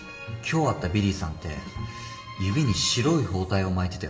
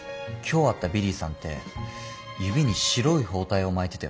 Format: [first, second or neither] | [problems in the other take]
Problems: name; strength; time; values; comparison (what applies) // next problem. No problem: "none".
second | room echo; dies away in 2.9 s